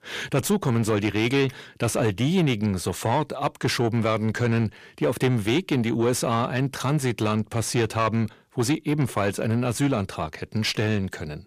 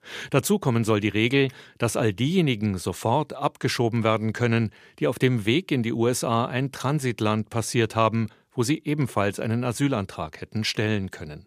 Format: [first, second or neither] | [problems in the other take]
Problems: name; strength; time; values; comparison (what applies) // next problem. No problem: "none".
second | distortion; slight; 10 dB below the speech